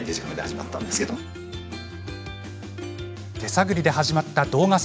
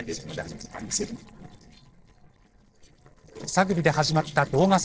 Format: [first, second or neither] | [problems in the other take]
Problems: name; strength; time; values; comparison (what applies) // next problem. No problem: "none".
first | noise reduction (neural separator model SepFormer DNS4)